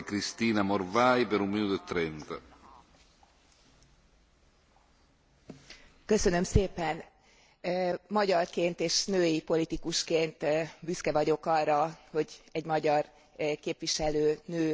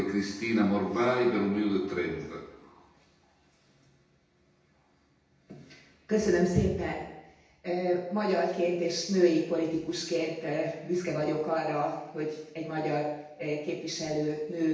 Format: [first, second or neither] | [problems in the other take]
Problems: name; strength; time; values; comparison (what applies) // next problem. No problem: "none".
first | room echo; dies away in 0.9 s